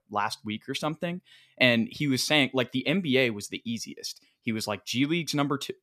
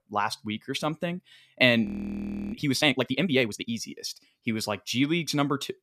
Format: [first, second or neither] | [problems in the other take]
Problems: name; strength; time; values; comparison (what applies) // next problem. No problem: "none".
first | audio freezing; at 2 s for 0.5 s